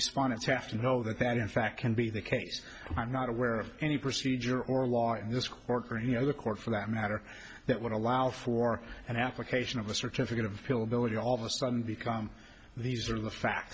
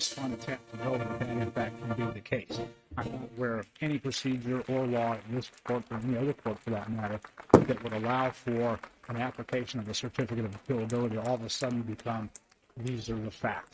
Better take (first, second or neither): first